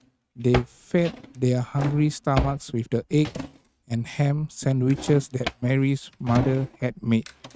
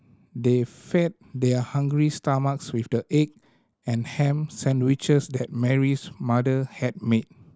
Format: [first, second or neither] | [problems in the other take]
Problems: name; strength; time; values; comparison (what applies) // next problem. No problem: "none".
second | noise reduction (neural mask model RNNoise)